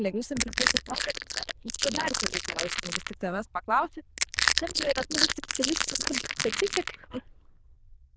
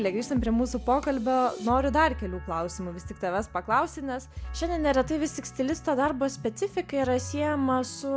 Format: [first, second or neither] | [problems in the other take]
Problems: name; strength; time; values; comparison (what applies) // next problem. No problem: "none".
second | noise reduction (neural diffusion model UNIVERSE++)